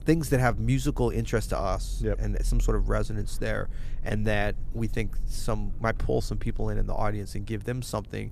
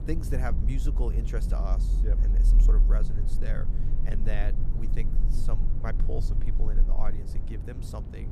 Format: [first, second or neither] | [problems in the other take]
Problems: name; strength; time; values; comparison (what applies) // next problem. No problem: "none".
first | low rumble; loud; throughout; 6 dB below the speech; faint in the first